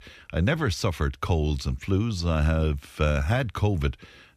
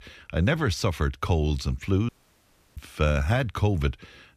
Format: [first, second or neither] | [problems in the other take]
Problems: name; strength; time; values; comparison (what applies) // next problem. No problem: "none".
first | audio cutting out; at 2 s for 0.5 s